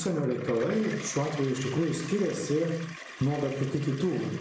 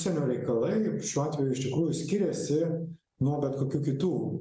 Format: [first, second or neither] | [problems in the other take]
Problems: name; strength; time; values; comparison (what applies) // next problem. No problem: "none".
second | background sound (Toilet flush); 14 dB below the speech